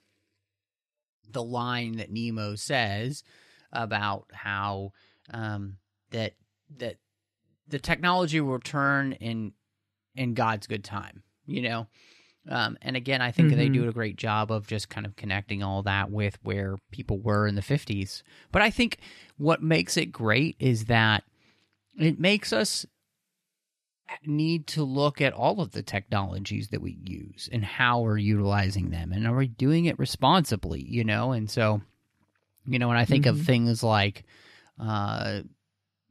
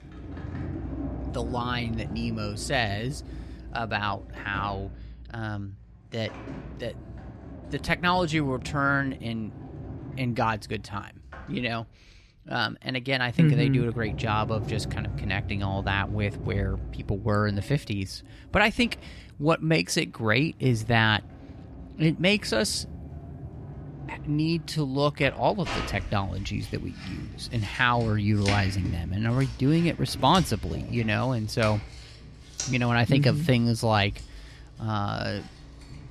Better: first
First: none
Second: household noises; noticeable; throughout; 10 dB below the speech

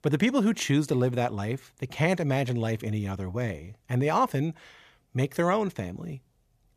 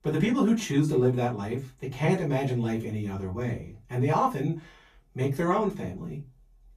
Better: first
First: none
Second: off-mic speech; far // room echo; very slight; dies away in 0.2 s

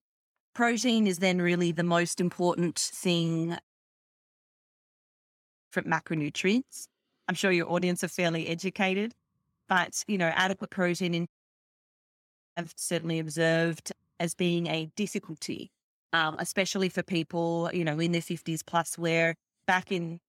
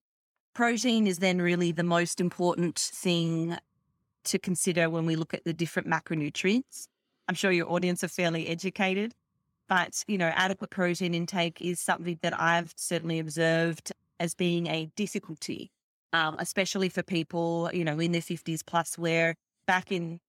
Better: second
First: audio cutting out; at 3.5 s for 2 s and at 11 s for 1.5 s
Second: none

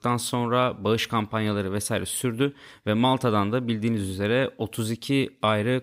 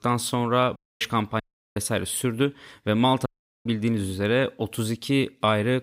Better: first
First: none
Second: audio cutting out; at 1 s, at 1.5 s and at 3.5 s

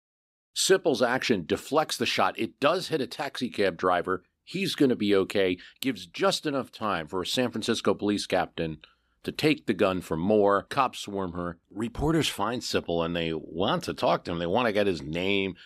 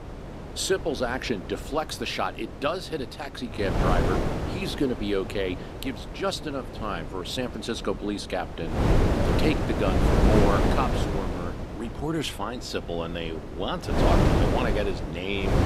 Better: first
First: none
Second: wind noise on the microphone; heavy; 1 dB below the speech

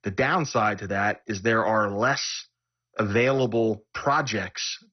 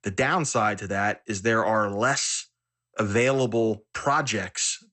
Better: second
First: garbled, watery; badly; nothing above 6 kHz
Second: garbled, watery; slightly; nothing above 8.5 kHz

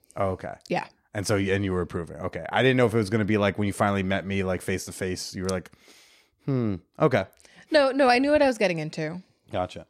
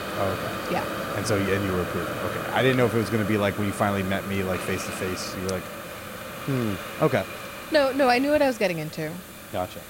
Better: first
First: none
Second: hiss; loud; throughout; 7 dB below the speech

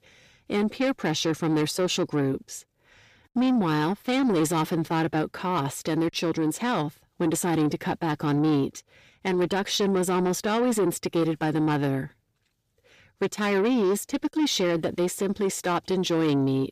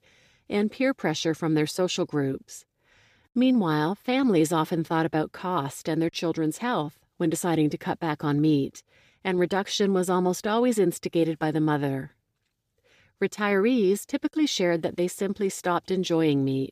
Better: second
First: distortion; slight; 10 dB below the speech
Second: none

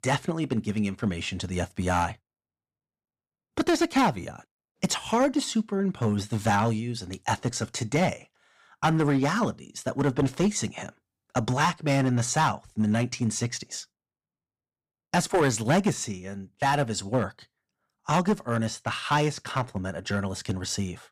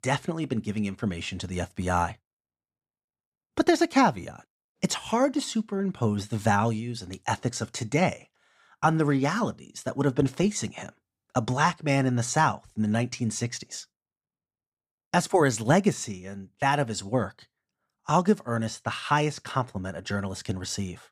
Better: second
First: distortion; slight; 4% of the sound clipped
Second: none

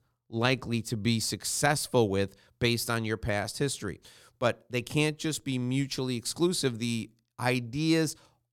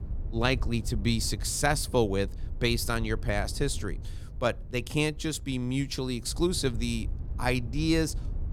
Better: first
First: none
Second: low rumble; faint; throughout; 25 dB below the speech

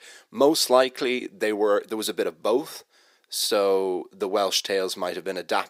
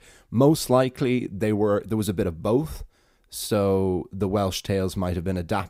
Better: second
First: thin; somewhat; fading below 350 Hz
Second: none

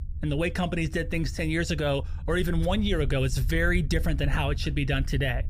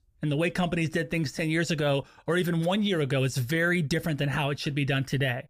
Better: second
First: low rumble; faint; throughout; 20 dB below the speech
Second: none

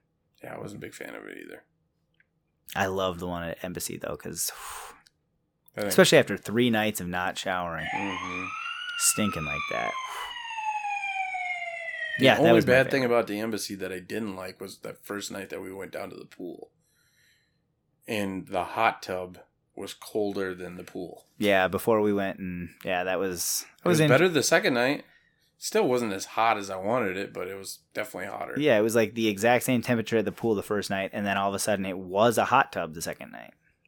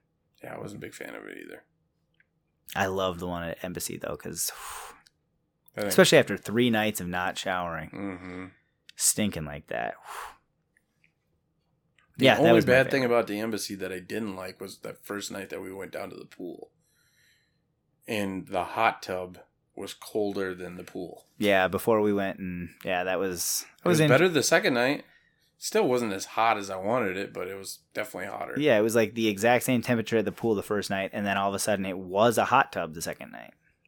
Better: second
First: siren; noticeable; from 8 to 12 s; peak 3 dB below the speech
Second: none

